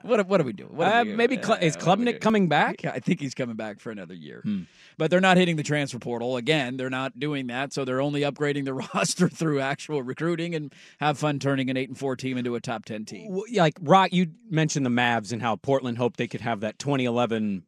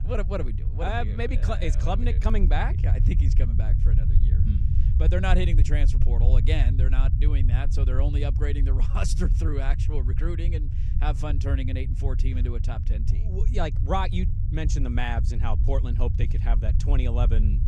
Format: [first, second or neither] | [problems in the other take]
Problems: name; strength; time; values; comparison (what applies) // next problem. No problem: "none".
first | low rumble; loud; throughout; 8 dB below the speech